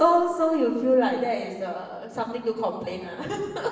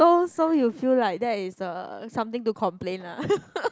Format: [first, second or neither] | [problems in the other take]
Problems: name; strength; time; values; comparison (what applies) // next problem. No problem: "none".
second | room echo; dies away in 1.1 s